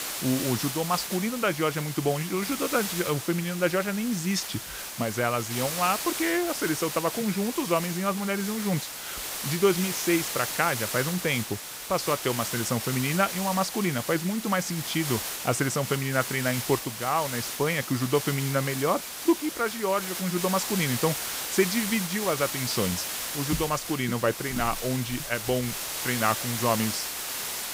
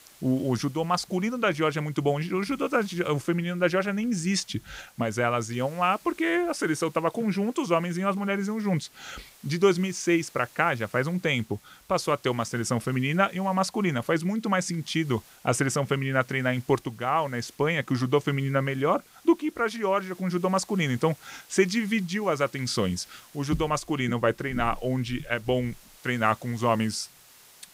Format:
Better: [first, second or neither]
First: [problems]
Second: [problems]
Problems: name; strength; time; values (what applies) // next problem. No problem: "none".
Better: second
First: hiss; loud; throughout; 4 dB below the speech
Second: hiss; faint; throughout; 25 dB below the speech